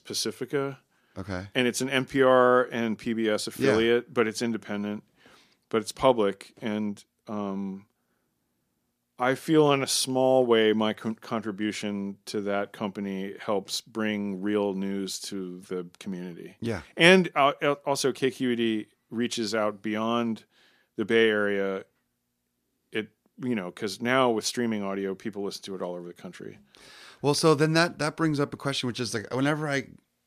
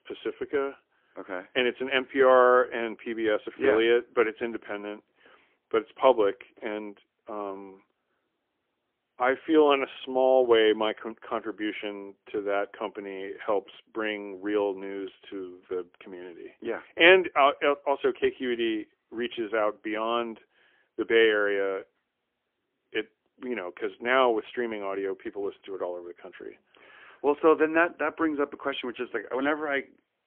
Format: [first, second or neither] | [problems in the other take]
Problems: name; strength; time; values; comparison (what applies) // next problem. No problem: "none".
first | phone-call audio; poor line; nothing above 3.5 kHz